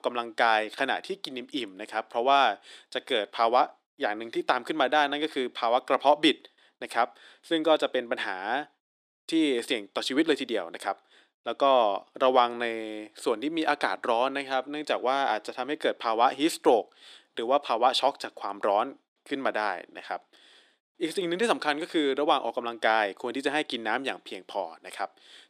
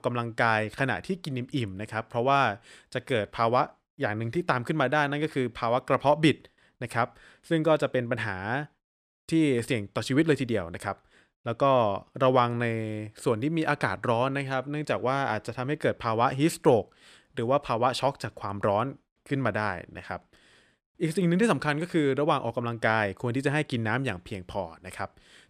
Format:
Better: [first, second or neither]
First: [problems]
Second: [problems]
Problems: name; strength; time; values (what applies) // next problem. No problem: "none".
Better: second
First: thin; somewhat; fading below 300 Hz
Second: none